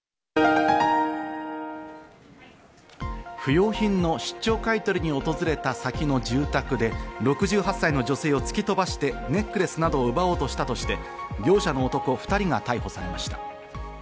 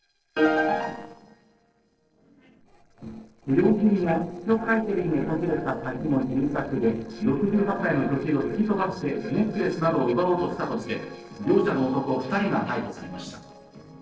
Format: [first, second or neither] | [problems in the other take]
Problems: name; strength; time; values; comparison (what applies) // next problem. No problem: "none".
first | noise reduction (neural separator model SepFormer DNS4)